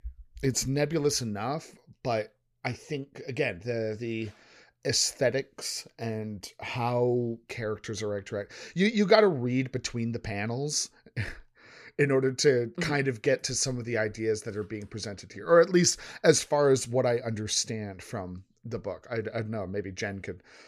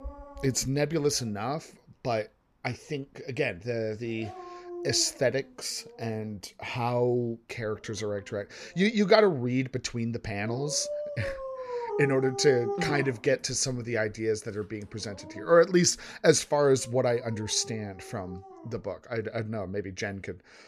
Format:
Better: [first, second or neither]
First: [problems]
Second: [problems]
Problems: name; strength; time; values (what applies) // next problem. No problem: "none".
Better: first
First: none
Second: animal sounds; noticeable; throughout; 10 dB below the speech